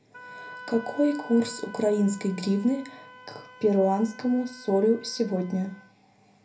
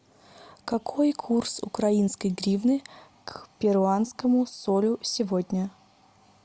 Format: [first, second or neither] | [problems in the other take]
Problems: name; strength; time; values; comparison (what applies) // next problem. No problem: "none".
second | background sound (Wind instrument, woodwind instrument); 19 dB below the speech // room echo; dies away in 0.3 s